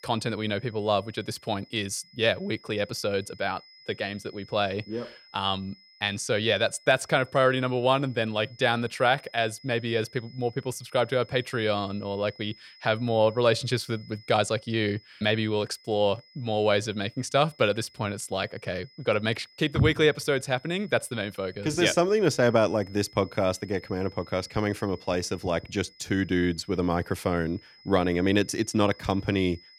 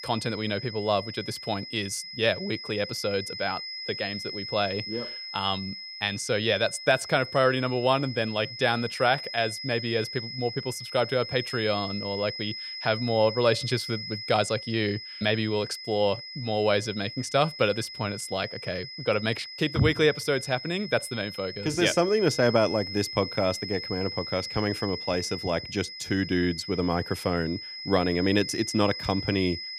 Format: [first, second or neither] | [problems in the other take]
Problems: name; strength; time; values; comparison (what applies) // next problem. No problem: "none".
first | high-pitched whine; loud; throughout; 5 kHz, 8 dB below the speech; faint in the first